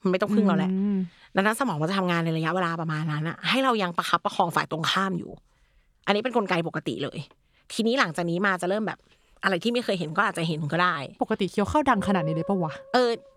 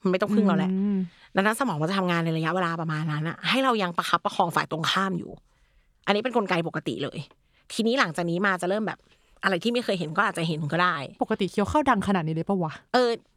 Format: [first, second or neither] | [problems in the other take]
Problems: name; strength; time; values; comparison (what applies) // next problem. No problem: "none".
second | background music; noticeable; from 9.5 s on; 15 dB below the speech